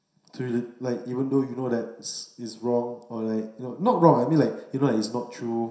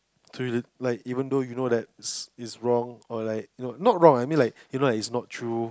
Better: second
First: room echo; dies away in 0.7 s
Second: none

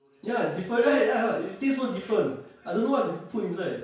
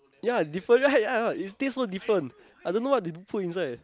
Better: second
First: room echo; dies away in 0.5 s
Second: none

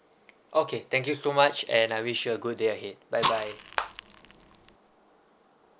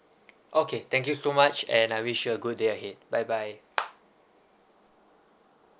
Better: second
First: background sound (Fire); 5 dB below the speech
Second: none

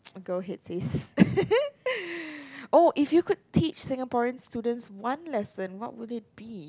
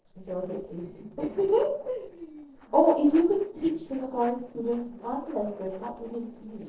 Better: first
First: none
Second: noise reduction (neural separator model SepFormer DNS4)

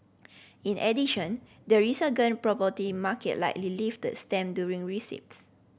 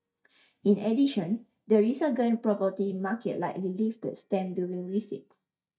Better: first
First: none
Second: noise reduction (neural mask model DeepFilterNet 3)

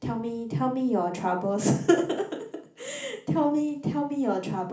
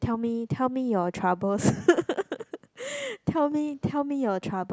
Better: second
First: room echo; dies away in 0.4 s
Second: none

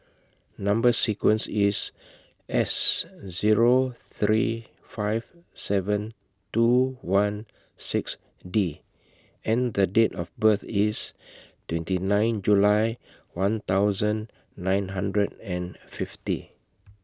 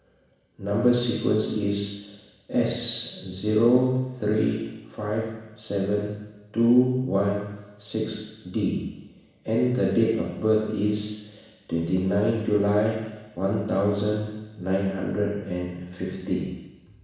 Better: first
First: none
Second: room echo; dies away in 1.1 s

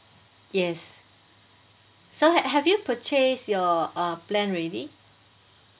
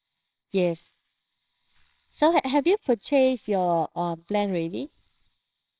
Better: first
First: none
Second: noise reduction (neural separator model SepFormer WHAMR!)

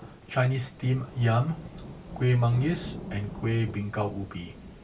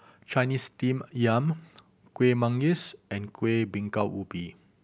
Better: second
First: background sound (Rain / Thunderstorm); 13 dB below the speech // room echo; dies away in 0.2 s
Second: none

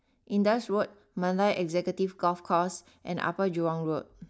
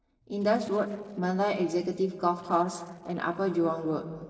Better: first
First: none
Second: noise reduction (neural separator model SepFormer DNS4)

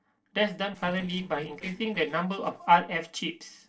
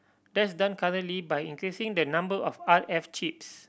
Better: second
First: noise reduction (neural separator model SepFormer DNS4)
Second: none

